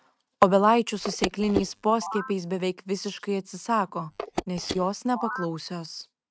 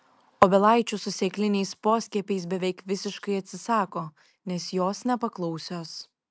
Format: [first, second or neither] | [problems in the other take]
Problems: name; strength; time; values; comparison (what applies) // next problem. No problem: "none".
second | noise reduction (neural mask model RNNoise)